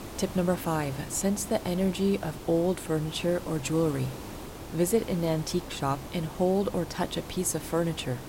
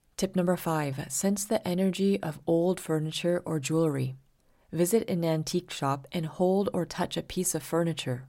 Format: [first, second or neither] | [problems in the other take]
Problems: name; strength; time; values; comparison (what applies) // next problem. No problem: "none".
second | hiss; noticeable; throughout; 10 dB below the speech